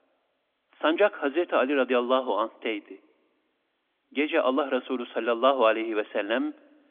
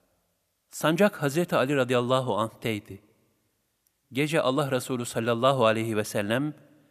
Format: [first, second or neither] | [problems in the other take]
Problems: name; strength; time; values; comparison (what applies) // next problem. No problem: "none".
second | phone-call audio; nothing above 3.5 kHz